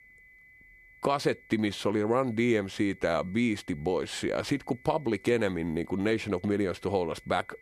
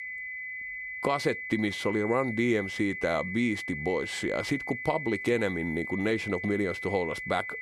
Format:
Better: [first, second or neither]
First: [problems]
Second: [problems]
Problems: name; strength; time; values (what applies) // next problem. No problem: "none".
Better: first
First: high-pitched whine; faint; throughout; 2 kHz, 25 dB below the speech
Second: high-pitched whine; loud; throughout; 2 kHz, 6 dB below the speech